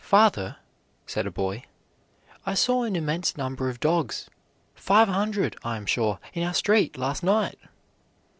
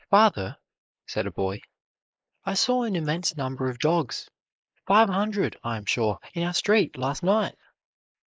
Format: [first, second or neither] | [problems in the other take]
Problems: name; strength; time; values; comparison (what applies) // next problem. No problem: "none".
first | noise reduction (neural mask model Resemble Enhance denoiser)